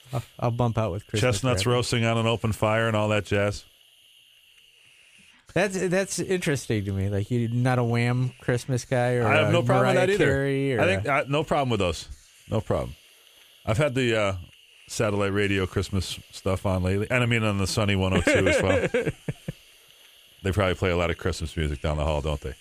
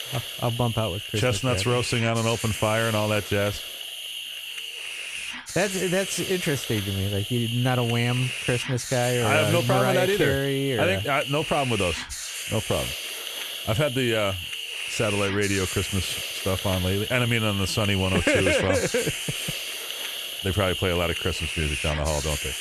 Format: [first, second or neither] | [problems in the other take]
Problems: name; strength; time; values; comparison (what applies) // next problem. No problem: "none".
first | hiss; loud; throughout; 5 dB below the speech; faint in the first